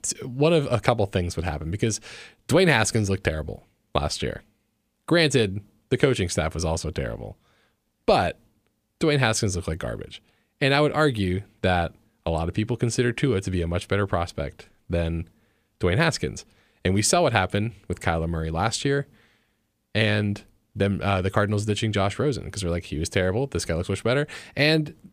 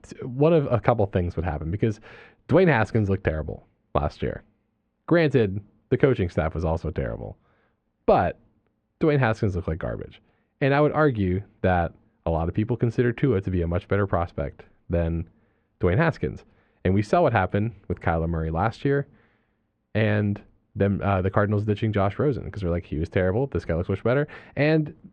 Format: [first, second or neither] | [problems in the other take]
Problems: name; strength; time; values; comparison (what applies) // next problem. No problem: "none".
first | muffled; very; fading above 1.5 kHz